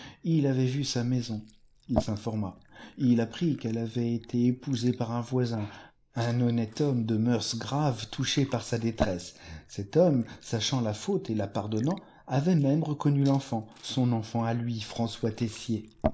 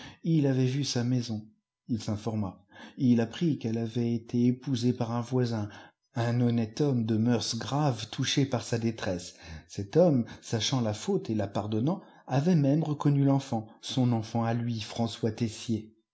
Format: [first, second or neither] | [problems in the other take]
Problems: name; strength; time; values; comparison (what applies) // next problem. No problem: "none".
second | noise reduction (neural mask model Resemble Enhance denoiser)